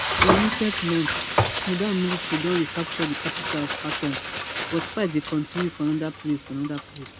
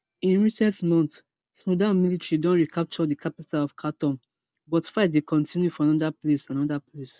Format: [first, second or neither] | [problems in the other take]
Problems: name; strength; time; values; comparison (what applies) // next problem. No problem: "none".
second | background sound (Frying (food)); 1 dB below the speech